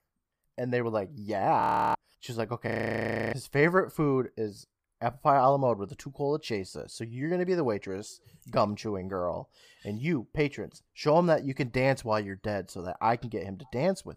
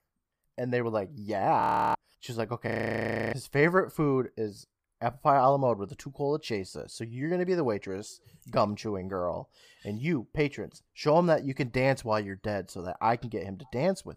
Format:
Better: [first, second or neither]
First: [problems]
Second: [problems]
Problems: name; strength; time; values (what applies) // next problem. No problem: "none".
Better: neither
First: audio freezing; at 1.5 s and at 2.5 s for 0.5 s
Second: audio freezing; at 1.5 s and at 2.5 s for 0.5 s